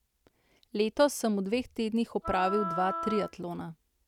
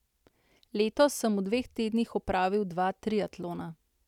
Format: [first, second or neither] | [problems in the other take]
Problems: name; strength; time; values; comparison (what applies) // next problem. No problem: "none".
second | background sound (Wind instrument, woodwind instrument); 6 dB below the speech